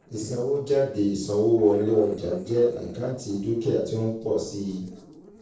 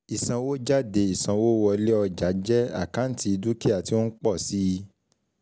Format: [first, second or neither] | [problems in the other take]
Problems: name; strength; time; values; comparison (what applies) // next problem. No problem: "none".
second | noise reduction (neural separator model SepFormer DNS4)